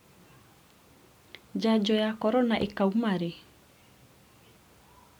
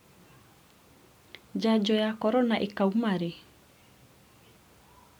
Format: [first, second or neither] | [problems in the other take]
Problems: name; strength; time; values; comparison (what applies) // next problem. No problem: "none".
second | background sound (Drawer open or close); 19 dB below the speech